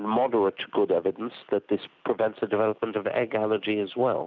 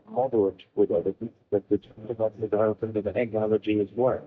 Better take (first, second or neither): first